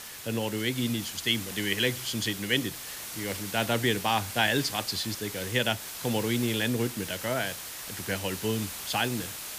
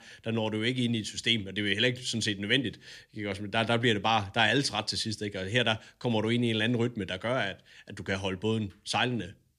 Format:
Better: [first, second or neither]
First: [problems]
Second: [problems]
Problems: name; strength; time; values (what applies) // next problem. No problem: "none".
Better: second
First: hiss; loud; throughout; 7 dB below the speech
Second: none